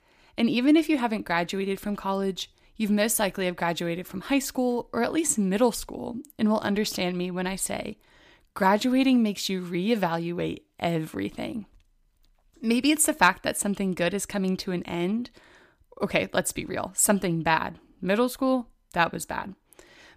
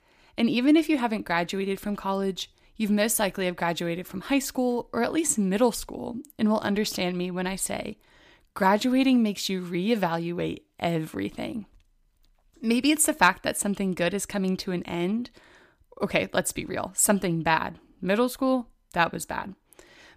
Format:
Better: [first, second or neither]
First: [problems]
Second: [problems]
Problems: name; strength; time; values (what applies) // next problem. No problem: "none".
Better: neither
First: none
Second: none